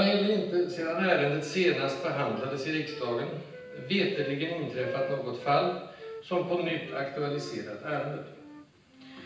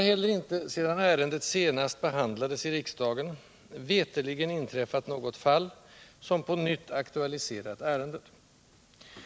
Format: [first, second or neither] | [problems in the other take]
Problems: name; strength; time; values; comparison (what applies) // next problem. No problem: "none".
second | background sound (Wind instrument, woodwind instrument); 14 dB below the speech // room echo; dies away in 0.9 s